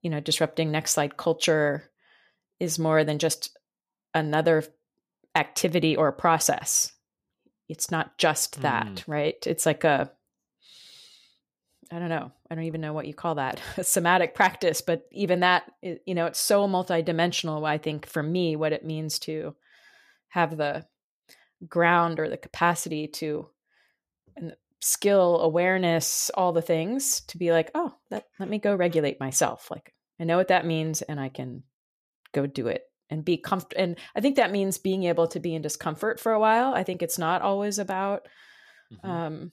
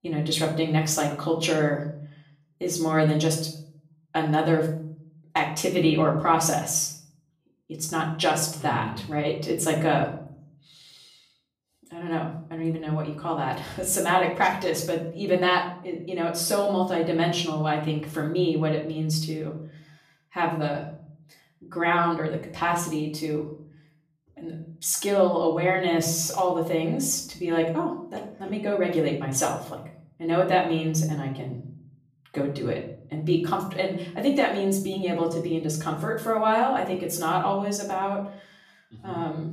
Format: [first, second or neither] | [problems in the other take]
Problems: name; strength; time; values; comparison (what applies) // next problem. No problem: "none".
first | room echo; slight; dies away in 0.6 s // off-mic speech; far